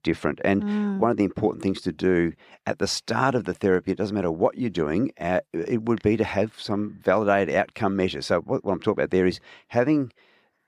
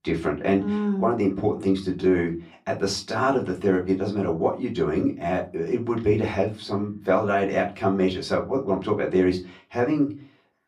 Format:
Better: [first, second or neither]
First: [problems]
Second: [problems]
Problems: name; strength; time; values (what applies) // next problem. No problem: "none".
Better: first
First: none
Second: off-mic speech; far // room echo; very slight; dies away in 0.2 s